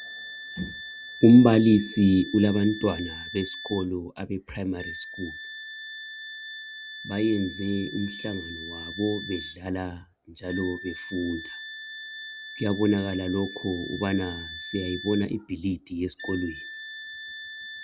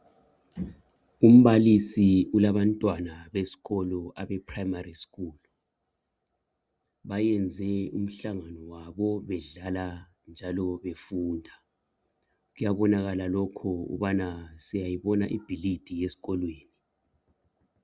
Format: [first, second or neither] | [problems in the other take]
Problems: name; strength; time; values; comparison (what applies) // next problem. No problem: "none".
second | background sound (Wind instrument, woodwind instrument); 13 dB below the speech